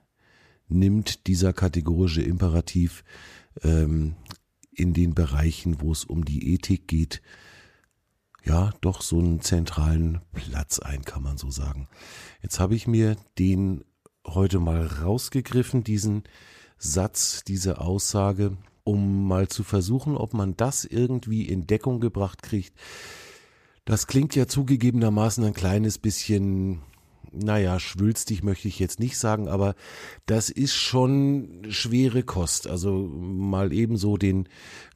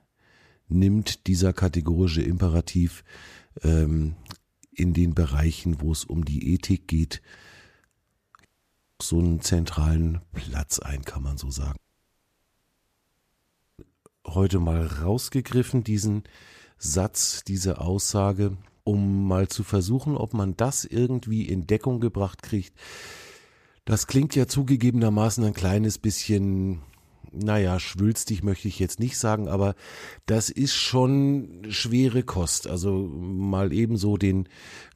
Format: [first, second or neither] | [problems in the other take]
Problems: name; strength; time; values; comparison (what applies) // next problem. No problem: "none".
first | audio cutting out; at 8.5 s for 0.5 s and at 12 s for 2 s